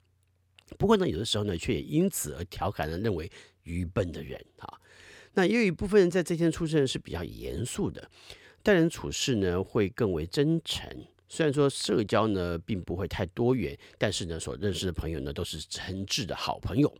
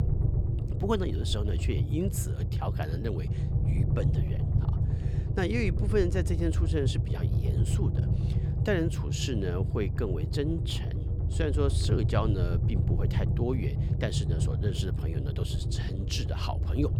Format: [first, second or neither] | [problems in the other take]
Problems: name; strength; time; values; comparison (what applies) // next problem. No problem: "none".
first | low rumble; loud; throughout; 7 dB below the speech